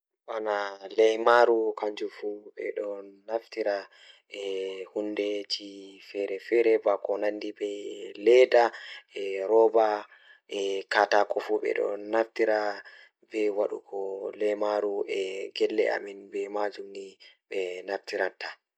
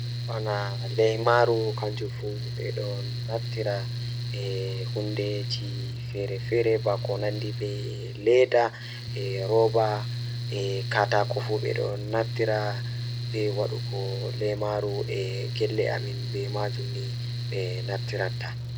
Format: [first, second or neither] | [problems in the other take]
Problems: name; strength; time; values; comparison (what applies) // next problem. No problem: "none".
first | background sound (Mechanical fan); 3 dB below the speech